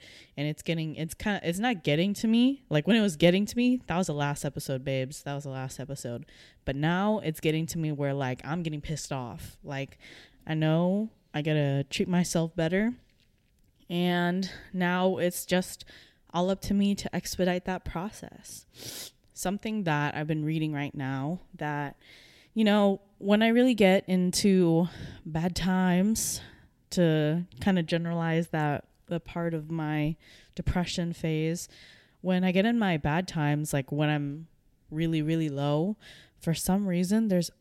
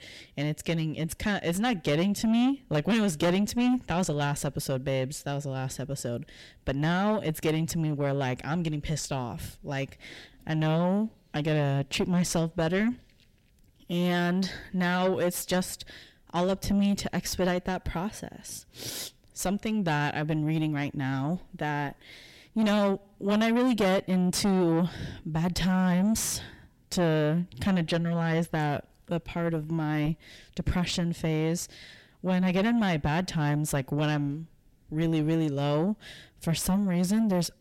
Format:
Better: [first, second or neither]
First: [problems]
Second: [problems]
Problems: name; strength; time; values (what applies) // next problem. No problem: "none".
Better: first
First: none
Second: distortion; heavy; 7 dB below the speech